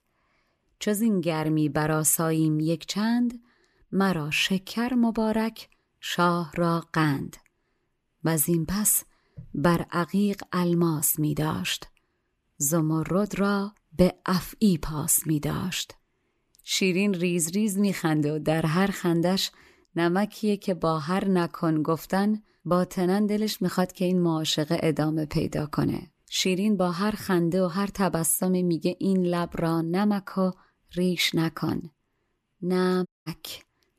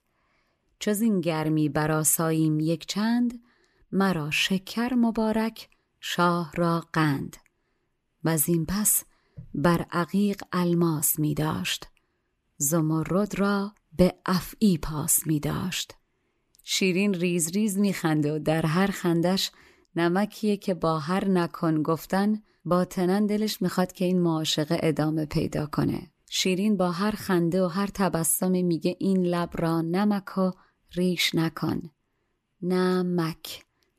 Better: second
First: audio cutting out; at 33 s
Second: none

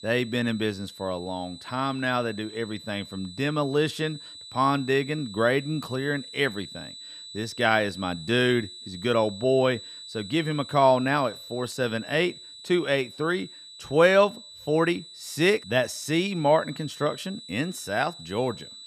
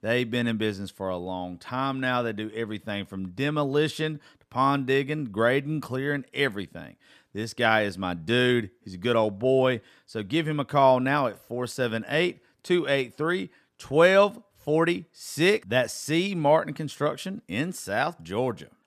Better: second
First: high-pitched whine; noticeable; throughout; 4 kHz, 15 dB below the speech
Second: none

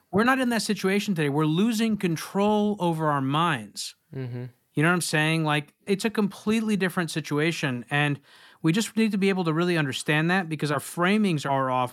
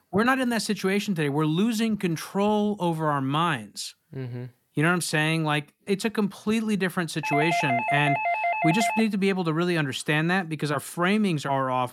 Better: first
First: none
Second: doorbell; loud; from 7 to 9 s; peak 1 dB above the speech

